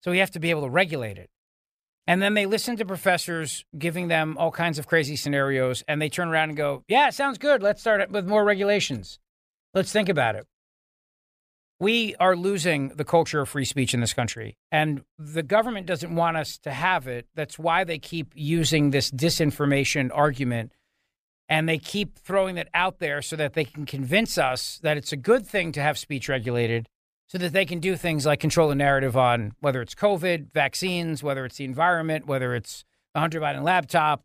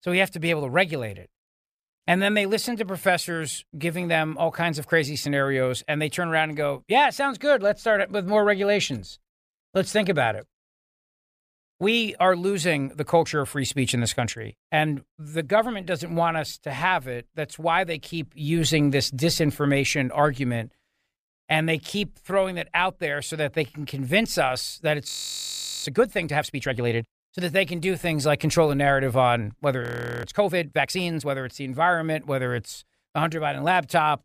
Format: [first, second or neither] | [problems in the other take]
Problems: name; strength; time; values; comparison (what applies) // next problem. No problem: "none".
first | audio freezing; at 25 s for 1 s and at 30 s